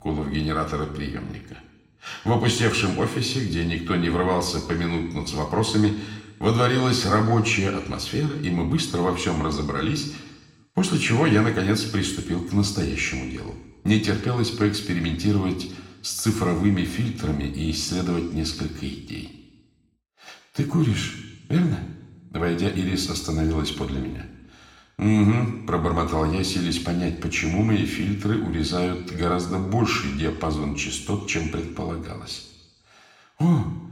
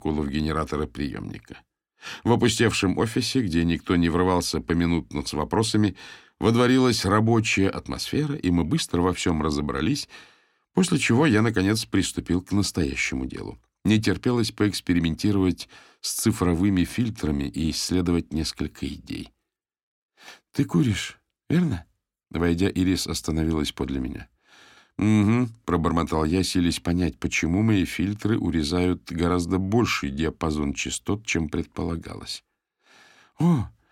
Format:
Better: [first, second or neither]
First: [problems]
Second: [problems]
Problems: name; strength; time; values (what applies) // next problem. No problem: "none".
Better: second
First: room echo; slight; dies away in 0.9 s // off-mic speech; somewhat distant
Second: none